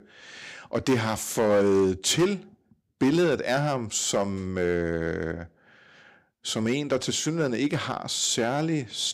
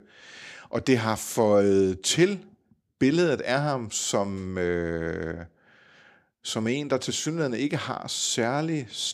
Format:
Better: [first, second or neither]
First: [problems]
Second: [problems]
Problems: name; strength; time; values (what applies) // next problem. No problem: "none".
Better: second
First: distortion; slight; 4% of the sound clipped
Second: none